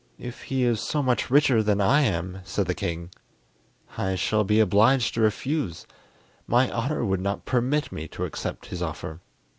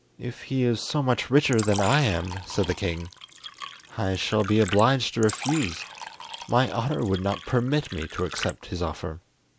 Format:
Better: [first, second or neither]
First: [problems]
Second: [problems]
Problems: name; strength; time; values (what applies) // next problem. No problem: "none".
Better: first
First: none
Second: background sound (Fill (with liquid)); 12 dB below the speech